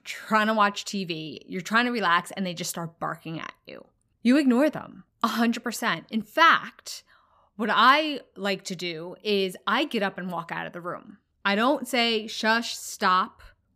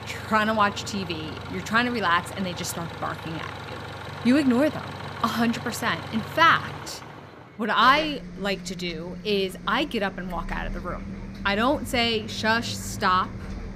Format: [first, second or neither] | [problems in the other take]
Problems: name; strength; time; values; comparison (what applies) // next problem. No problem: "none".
first | traffic noise; noticeable; throughout; 10 dB below the speech